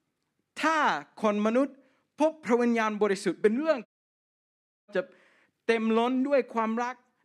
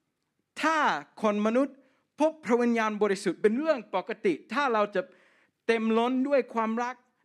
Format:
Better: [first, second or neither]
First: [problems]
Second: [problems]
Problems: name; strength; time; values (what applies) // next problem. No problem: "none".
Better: second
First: audio cutting out; at 4 s for 1 s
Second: none